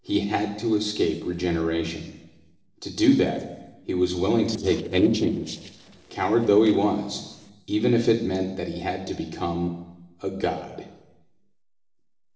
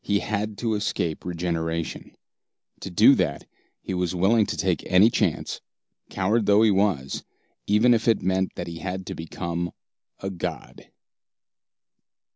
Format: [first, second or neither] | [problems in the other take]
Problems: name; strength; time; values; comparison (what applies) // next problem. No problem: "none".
second | noise reduction (neural separator model SepFormer DNS4)